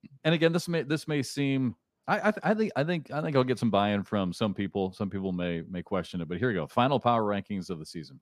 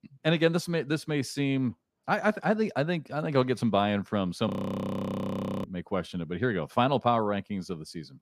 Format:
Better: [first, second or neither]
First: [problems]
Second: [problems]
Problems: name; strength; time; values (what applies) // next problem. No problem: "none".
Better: first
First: none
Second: audio freezing; at 4.5 s for 1 s